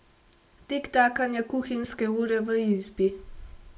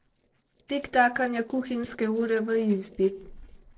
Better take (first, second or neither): first